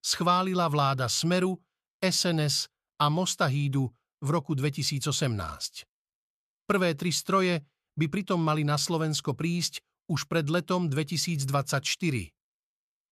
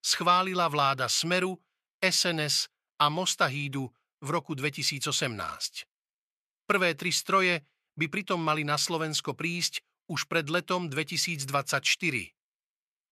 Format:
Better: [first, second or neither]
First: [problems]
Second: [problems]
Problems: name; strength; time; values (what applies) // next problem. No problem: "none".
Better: first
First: none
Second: thin; somewhat; fading below 700 Hz